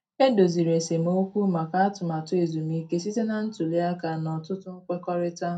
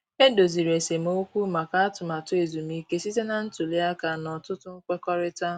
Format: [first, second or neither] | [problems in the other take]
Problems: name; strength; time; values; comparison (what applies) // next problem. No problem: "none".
second | room echo; dies away in 0.2 s